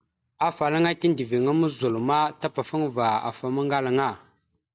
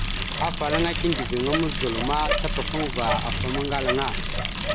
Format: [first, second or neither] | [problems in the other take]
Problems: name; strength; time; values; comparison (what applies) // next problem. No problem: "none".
first | background sound (Bicycle); 1 dB above the speech